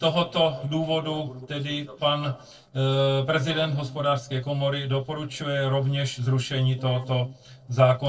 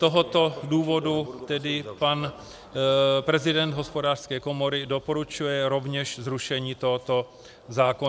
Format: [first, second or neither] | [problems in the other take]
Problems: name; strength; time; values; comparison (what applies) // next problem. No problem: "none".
second | noise reduction (neural separator model SepFormer DNS4)